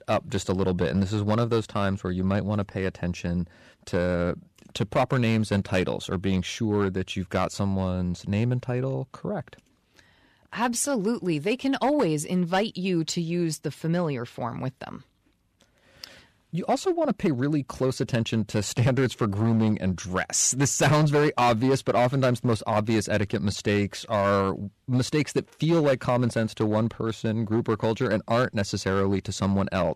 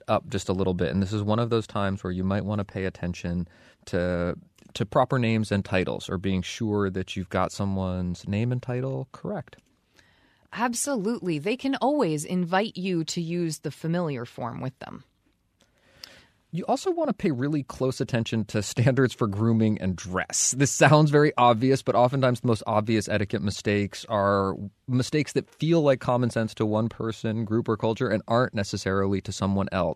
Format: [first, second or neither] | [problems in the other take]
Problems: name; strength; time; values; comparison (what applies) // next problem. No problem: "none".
second | distortion; slight; 5% of the sound clipped